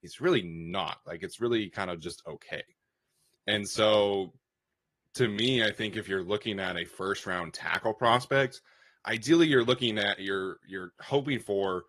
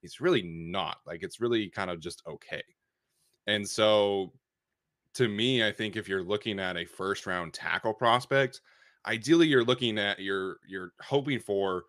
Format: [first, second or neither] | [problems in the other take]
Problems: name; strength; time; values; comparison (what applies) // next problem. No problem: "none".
second | garbled, watery; slightly